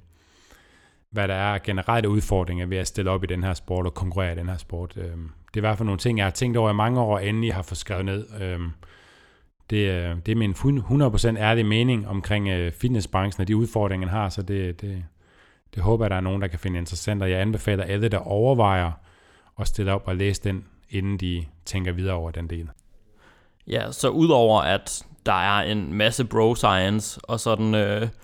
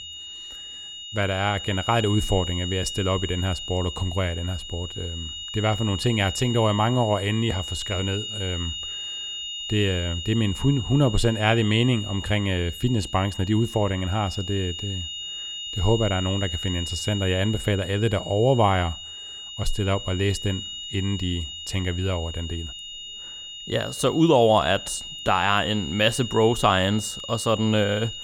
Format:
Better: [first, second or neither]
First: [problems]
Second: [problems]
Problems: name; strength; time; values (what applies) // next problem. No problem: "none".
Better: first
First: none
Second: high-pitched whine; loud; throughout; 3 kHz, 8 dB below the speech